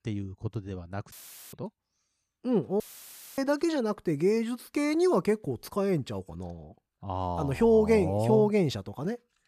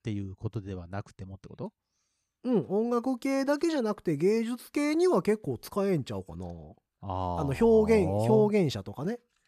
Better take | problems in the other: second | audio cutting out; filled with static; at 1 s and at 3 s for 0.5 s

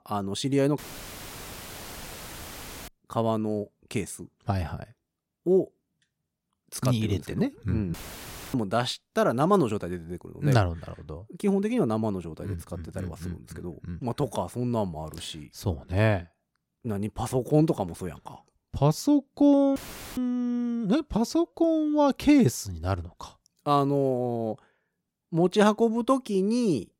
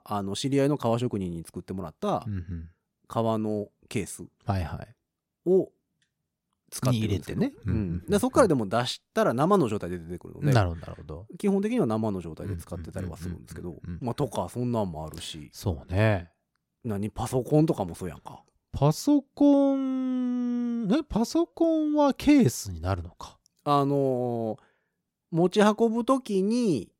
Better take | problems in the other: second | audio cutting out; filled with static; at 1 s for 2 s, at 8 s for 0.5 s and at 20 s

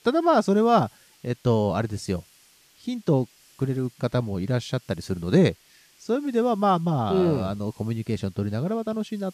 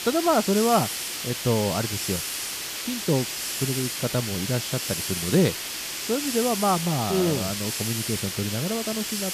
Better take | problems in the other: first | hiss; loud; throughout; 2 dB below the speech; faint in the first

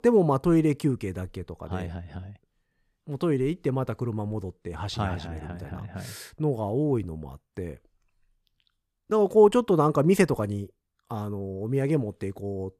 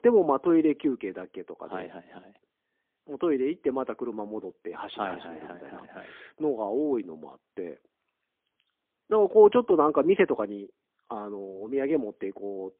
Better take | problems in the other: first | phone-call audio; poor line

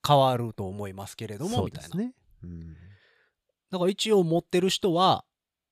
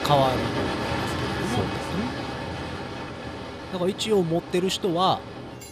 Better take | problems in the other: first | train or aircraft noise; loud; throughout; 5 dB below the speech

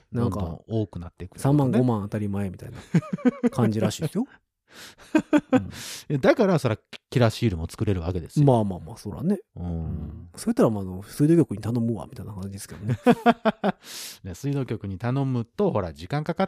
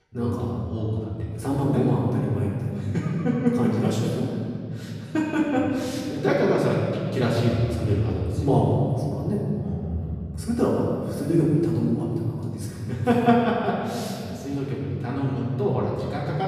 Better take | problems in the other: first | room echo; noticeable; dies away in 2.6 s // off-mic speech; far

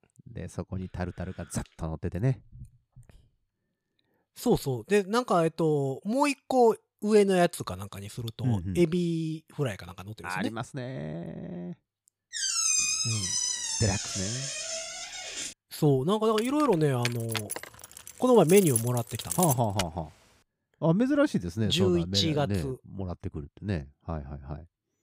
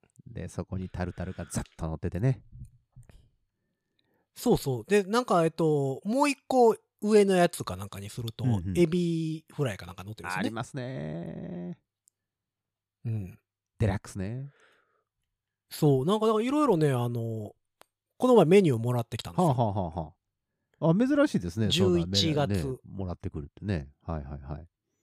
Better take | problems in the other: second | door banging; loud; from 12 to 16 s; peak 5 dB above the speech // jangling keys; noticeable; from 16 to 20 s; peak 1 dB below the speech

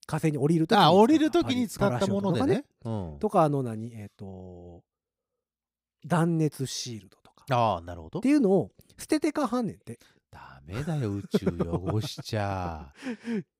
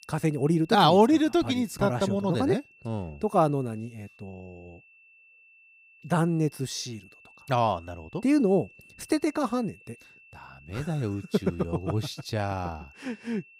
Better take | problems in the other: first | high-pitched whine; faint; throughout; 2.5 kHz, 25 dB below the speech

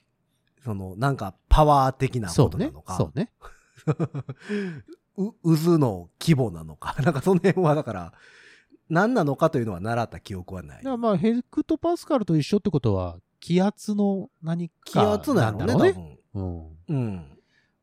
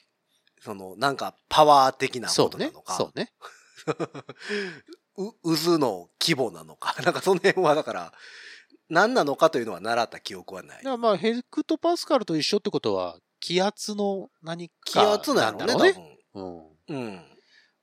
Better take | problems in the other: first | thin; somewhat; fading below 350 Hz

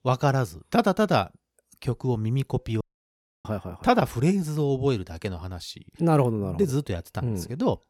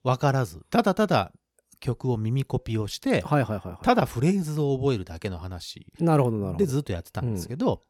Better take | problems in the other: second | audio cutting out; at 3 s for 0.5 s

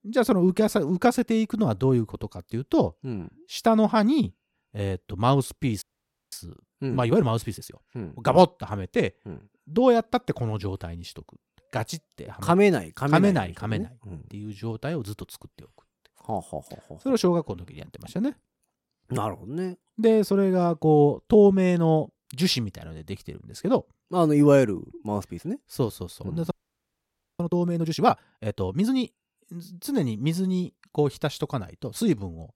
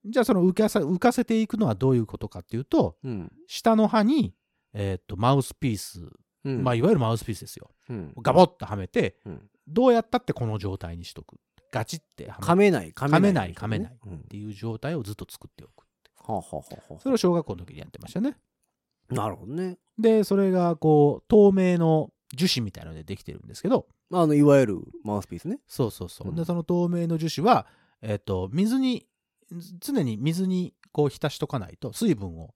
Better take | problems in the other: second | audio freezing; at 6 s for 0.5 s and at 27 s for 1 s

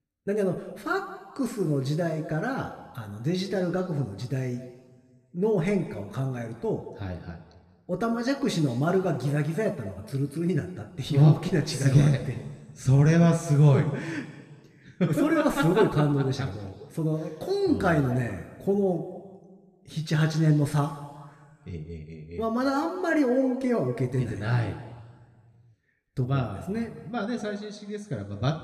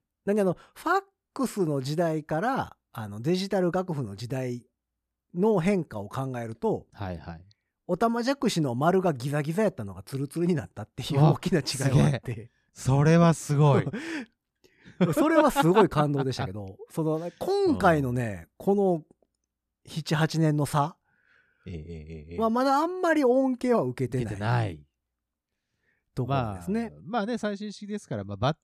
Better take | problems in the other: second | room echo; slight; dies away in 1.4 s

